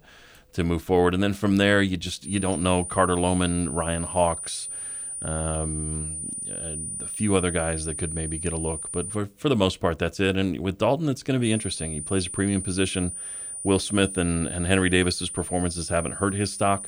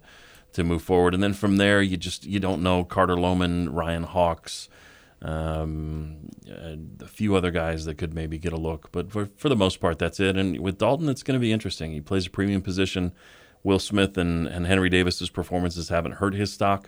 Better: second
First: high-pitched whine; loud; from 2.5 to 9 s and from 11 s on; 9.5 kHz, 6 dB below the speech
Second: none

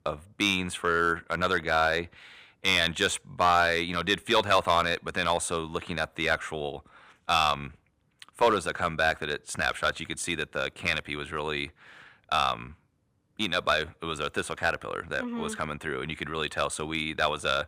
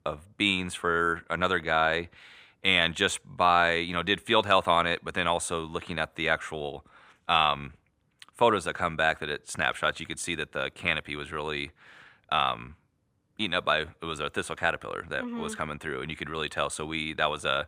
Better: second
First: distortion; slight; 1.2% of the sound clipped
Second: none

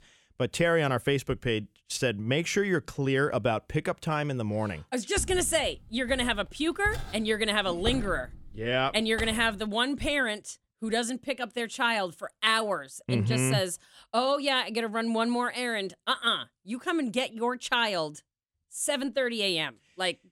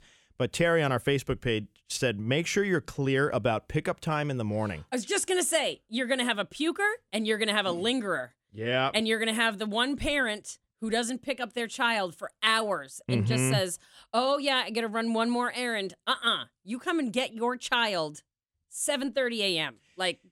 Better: second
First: footsteps; noticeable; from 5 to 9.5 s; peak 7 dB below the speech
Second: none

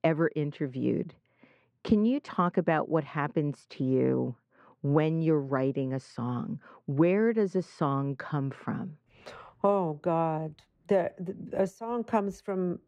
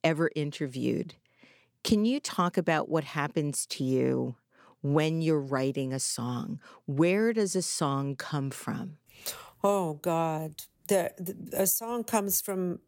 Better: second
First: muffled; very; fading above 2 kHz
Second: none

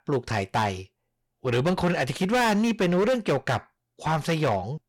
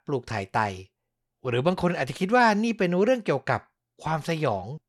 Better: second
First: distortion; heavy; 13% of the sound clipped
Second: none

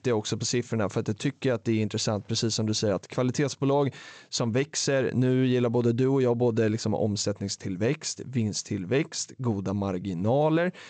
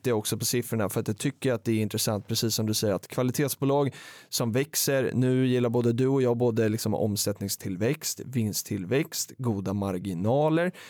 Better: second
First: garbled, watery; slightly; nothing above 7.5 kHz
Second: none

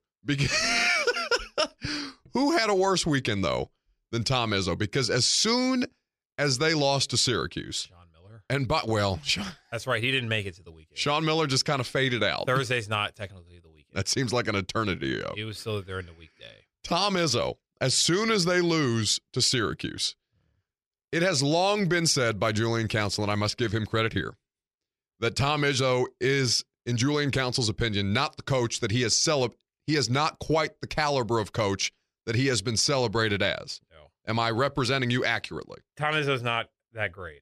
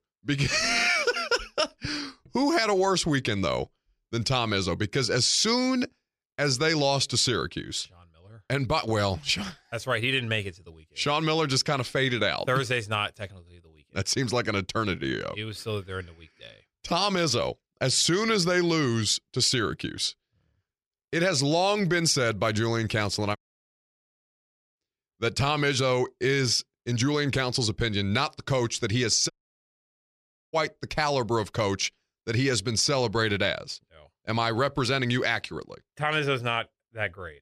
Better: first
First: none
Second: audio cutting out; at 23 s for 1.5 s and at 29 s for 1 s

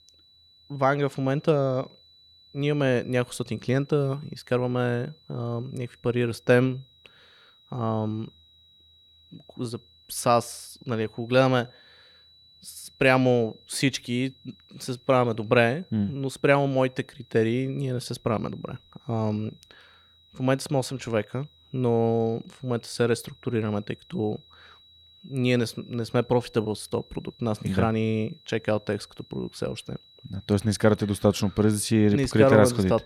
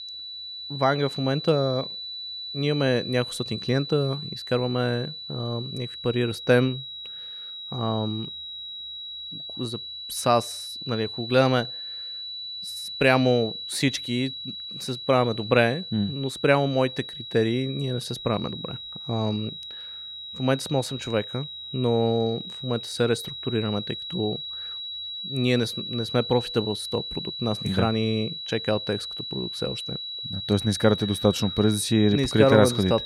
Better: first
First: high-pitched whine; faint; throughout; 4 kHz, 30 dB below the speech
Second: high-pitched whine; loud; throughout; 4 kHz, 8 dB below the speech

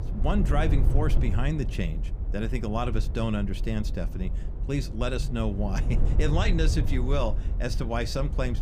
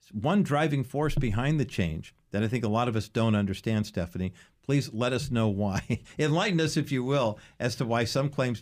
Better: second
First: low rumble; noticeable; throughout; 10 dB below the speech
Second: none

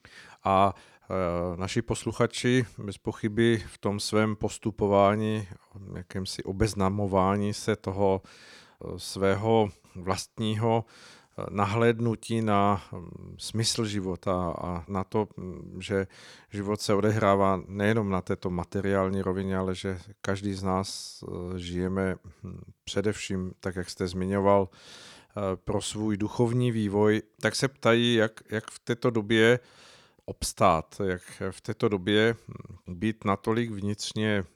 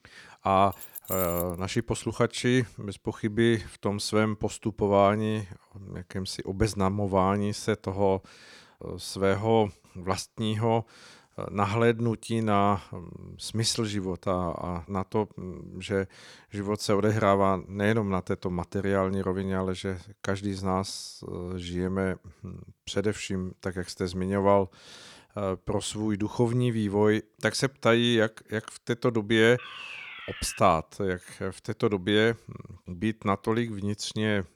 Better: first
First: none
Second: jangling keys; noticeable; at 0.5 s; peak 4 dB below the speech // alarm; faint; from 30 to 31 s; peak 10 dB below the speech

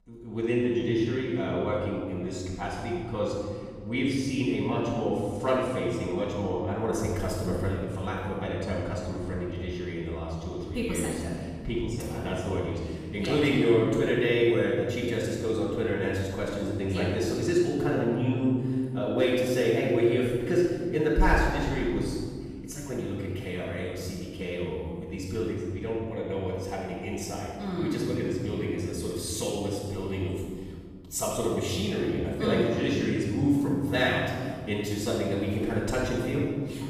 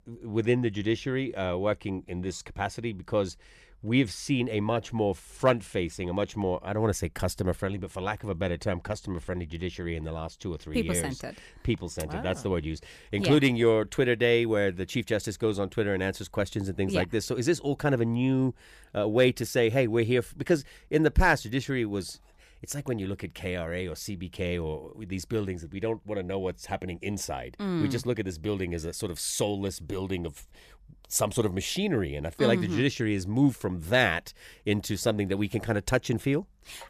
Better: second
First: off-mic speech; far // room echo; strong; dies away in 1.8 s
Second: none

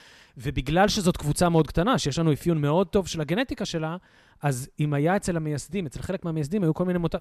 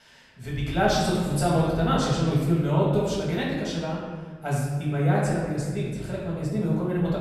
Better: first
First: none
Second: off-mic speech; far // room echo; noticeable; dies away in 1.3 s

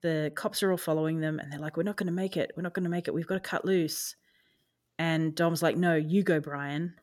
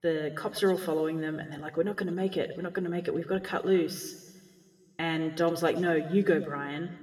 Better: first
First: none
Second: room echo; slight; dies away in 1.8 s

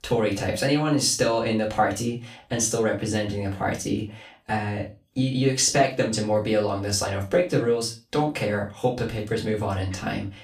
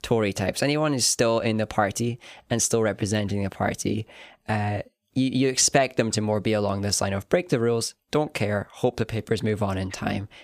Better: second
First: off-mic speech; far // room echo; slight; dies away in 0.3 s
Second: none

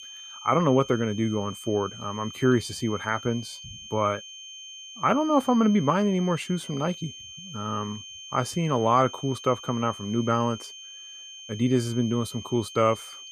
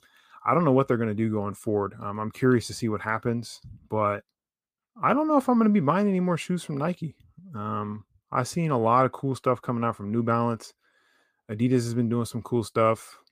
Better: second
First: high-pitched whine; noticeable; throughout; 3 kHz, 15 dB below the speech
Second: none

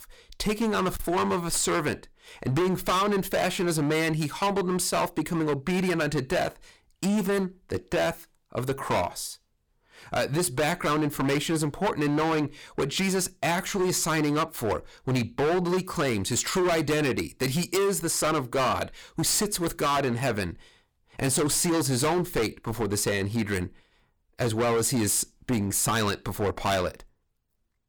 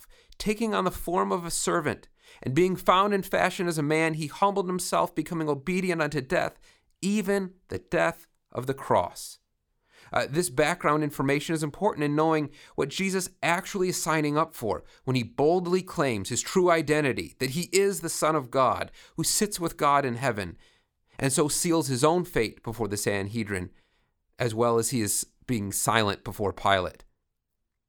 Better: second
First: distortion; heavy; 18% of the sound clipped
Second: none

